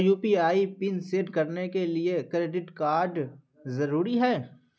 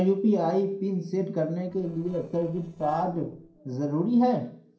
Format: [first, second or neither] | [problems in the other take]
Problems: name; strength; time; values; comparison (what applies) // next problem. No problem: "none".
first | noise reduction (neural separator model SepFormer DNS4)